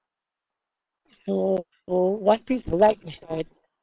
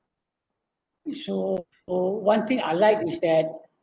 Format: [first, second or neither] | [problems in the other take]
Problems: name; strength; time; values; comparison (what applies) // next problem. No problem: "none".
second | noise reduction (neural separator model SepFormer WHAM!)